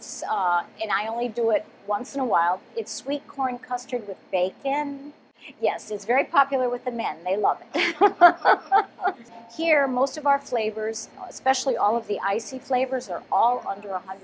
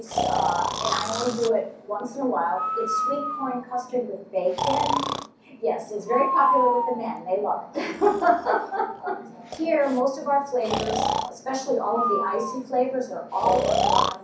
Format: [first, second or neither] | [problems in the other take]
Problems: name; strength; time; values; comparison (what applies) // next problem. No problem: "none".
first | background sound (Breathing); 2 dB below the speech // room echo; dies away in 0.6 s